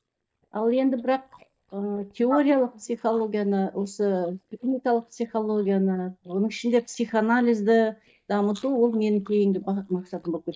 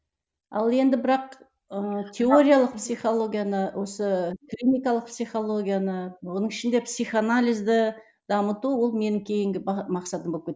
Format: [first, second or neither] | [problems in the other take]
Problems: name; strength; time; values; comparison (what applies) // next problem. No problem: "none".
second | noise reduction (neural mask model DeepFilterNet 3)